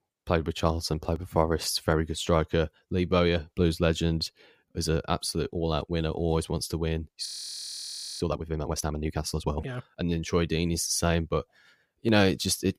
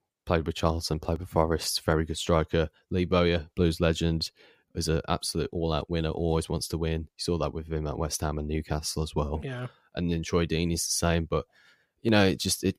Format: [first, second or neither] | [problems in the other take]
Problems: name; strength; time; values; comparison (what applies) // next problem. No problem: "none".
second | audio freezing; at 7.5 s for 1 s